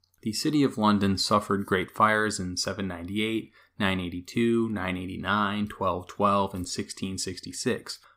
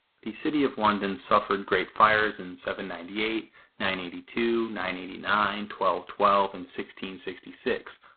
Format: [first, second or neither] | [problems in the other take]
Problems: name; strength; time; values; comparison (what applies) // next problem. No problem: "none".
first | phone-call audio; poor line; nothing above 4 kHz